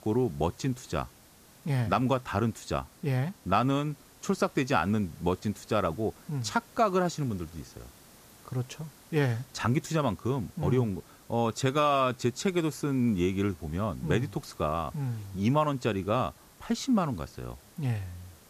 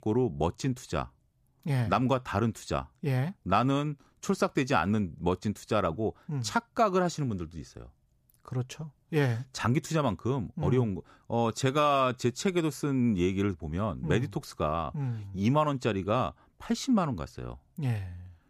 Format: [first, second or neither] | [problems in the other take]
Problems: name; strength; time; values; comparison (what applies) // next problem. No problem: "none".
second | hiss; faint; throughout; 25 dB below the speech